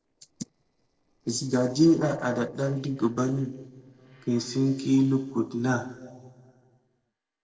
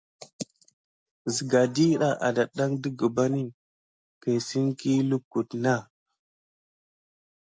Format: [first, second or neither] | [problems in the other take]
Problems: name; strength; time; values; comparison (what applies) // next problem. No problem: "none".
second | noise reduction (neural separator model SepFormer DNS4)